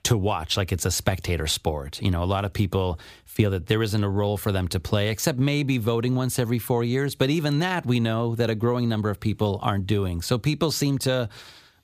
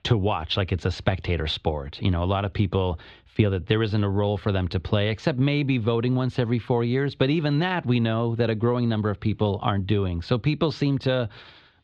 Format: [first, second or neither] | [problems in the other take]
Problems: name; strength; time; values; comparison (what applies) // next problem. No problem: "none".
first | muffled; slightly; fading above 3.5 kHz